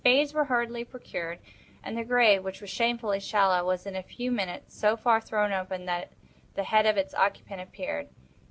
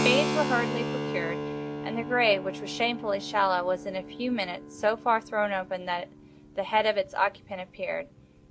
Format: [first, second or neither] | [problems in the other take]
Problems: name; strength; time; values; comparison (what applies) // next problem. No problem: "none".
first | background sound (Keyboard (musical)); 6 dB below the speech